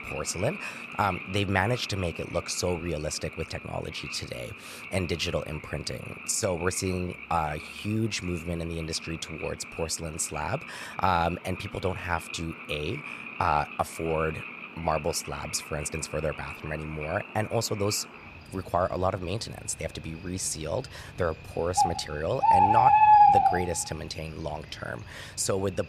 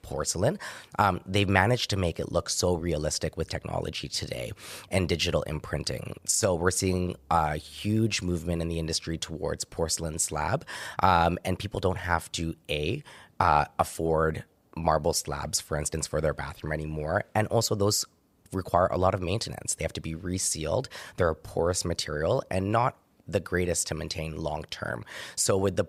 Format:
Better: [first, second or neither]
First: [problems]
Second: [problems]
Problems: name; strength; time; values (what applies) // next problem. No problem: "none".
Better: second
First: animal sounds; very loud; throughout; 2 dB above the speech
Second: none